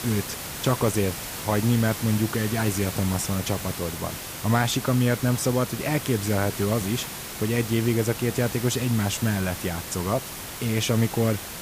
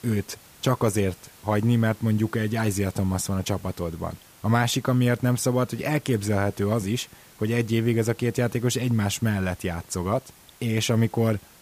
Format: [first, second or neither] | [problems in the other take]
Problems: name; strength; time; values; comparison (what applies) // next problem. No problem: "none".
second | hiss; loud; throughout; 7 dB below the speech; faint in the second